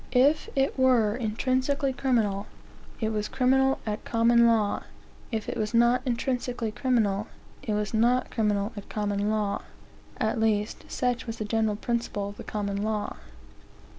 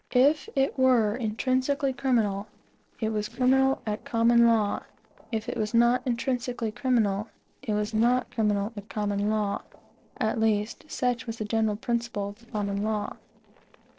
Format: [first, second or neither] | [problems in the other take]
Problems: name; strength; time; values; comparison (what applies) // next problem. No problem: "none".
first | noise reduction (neural separator model SepFormer DNS4)